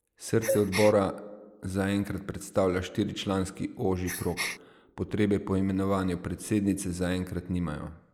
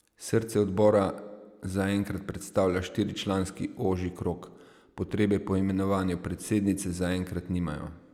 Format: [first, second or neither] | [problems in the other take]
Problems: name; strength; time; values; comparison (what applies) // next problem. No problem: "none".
second | noise reduction (neural mask model Resemble Enhance denoiser)